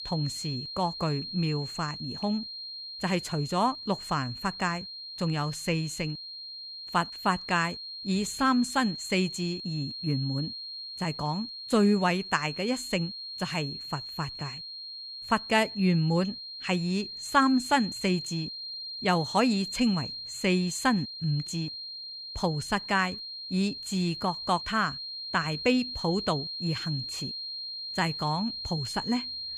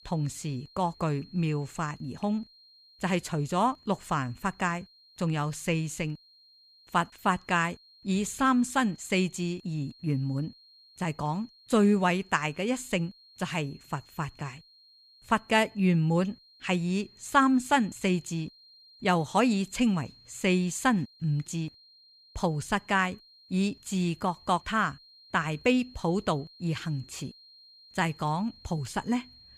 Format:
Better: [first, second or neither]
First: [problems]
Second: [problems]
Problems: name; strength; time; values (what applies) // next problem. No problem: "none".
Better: second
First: high-pitched whine; loud; throughout; 4 kHz, 7 dB below the speech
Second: high-pitched whine; faint; throughout; 4 kHz, 25 dB below the speech